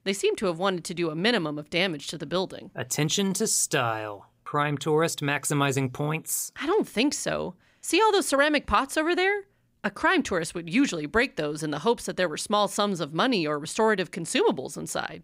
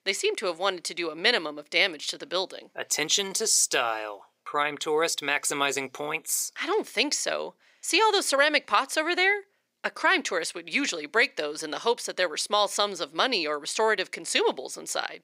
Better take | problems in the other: first | thin; somewhat; fading below 450 Hz

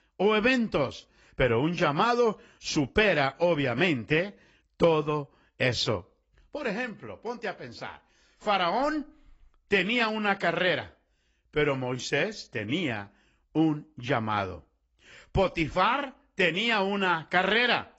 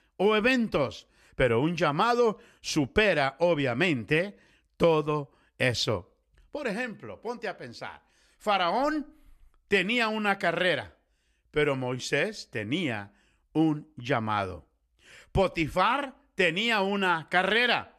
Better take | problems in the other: second | garbled, watery; badly; nothing above 7.5 kHz

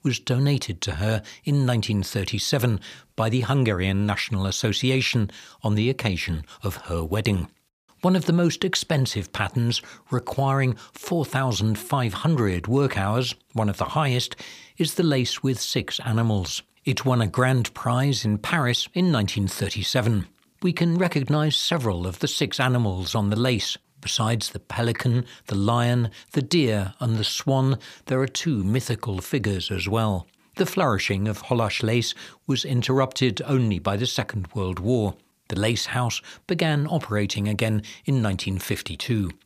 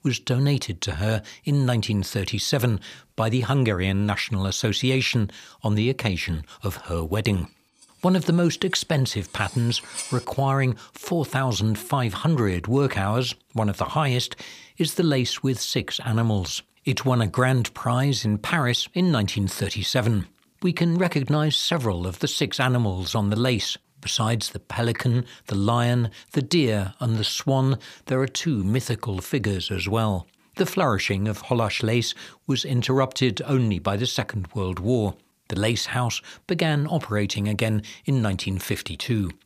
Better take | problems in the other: first | clattering dishes; noticeable; at 9.5 s; peak 8 dB below the speech

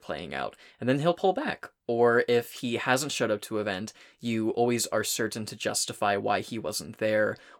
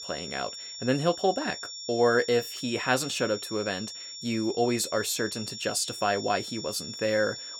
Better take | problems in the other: first | high-pitched whine; loud; throughout; 5.5 kHz, 9 dB below the speech

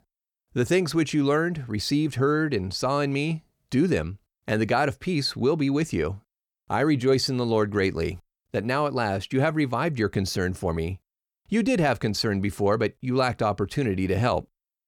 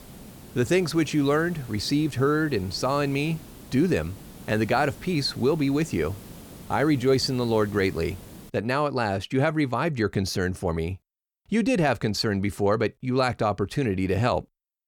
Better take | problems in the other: first | hiss; noticeable; until 8.5 s; 20 dB below the speech

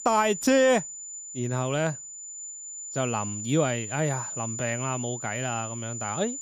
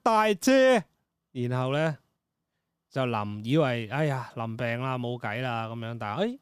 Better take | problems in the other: second | high-pitched whine; loud; throughout; 7 kHz, 7 dB below the speech

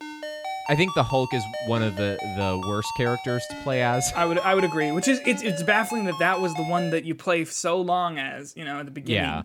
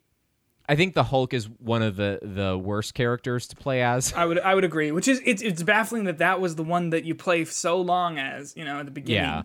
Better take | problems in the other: second | phone ringing; noticeable; until 7 s; peak 7 dB below the speech

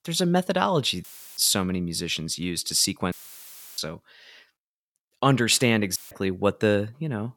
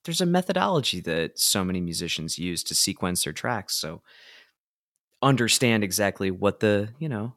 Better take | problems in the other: second | audio cutting out; filled with static; at 1 s, at 3 s for 0.5 s and at 6 s

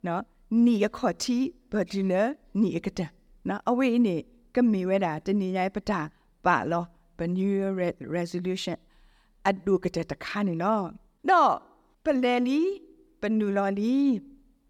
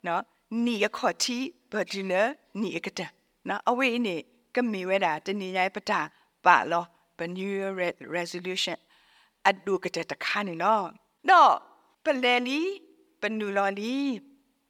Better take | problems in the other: first | thin; somewhat; fading below 800 Hz

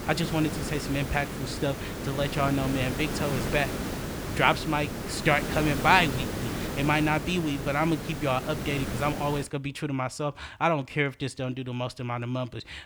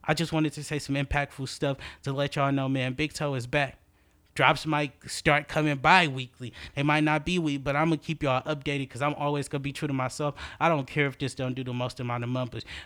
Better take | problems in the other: second | hiss; loud; until 9.5 s; 5 dB below the speech

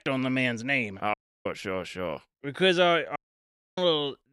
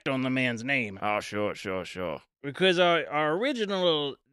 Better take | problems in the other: second | audio cutting out; at 1 s and at 3 s for 0.5 s

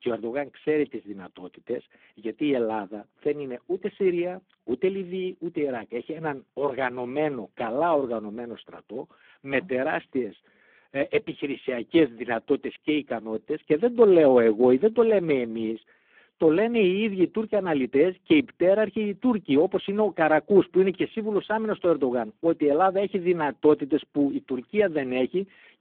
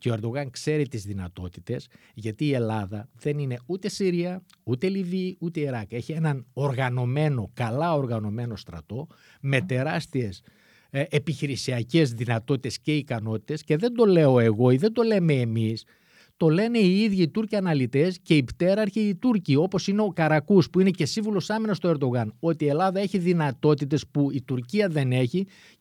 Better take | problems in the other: second | phone-call audio; poor line

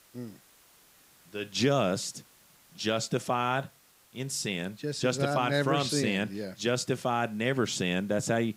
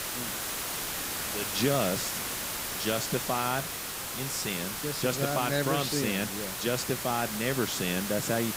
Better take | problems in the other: first | hiss; loud; throughout; 2 dB below the speech; faint in the first

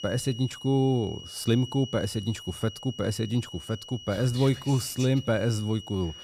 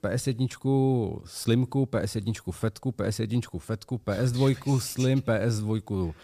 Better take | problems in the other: second | high-pitched whine; noticeable; throughout; 3 kHz, 15 dB below the speech

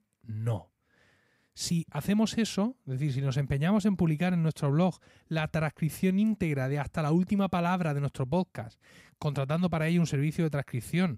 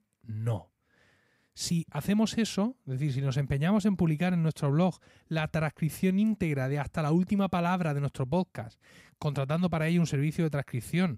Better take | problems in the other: neither | none

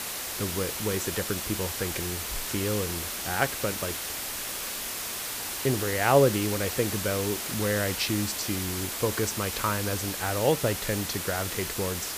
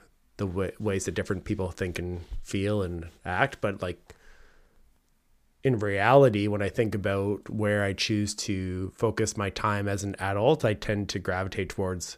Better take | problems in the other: second | hiss; loud; throughout; 2 dB below the speech

